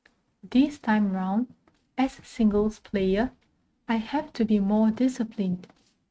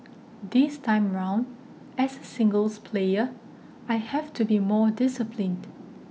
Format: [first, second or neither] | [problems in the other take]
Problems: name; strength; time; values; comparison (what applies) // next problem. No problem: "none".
second | noise reduction (neural mask model RNNoise)